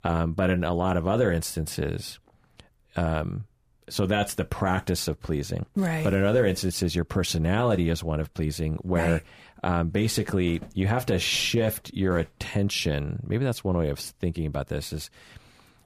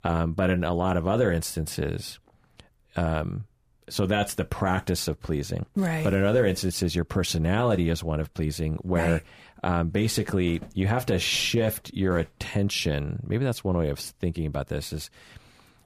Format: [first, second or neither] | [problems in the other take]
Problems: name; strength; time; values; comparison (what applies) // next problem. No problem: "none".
neither | none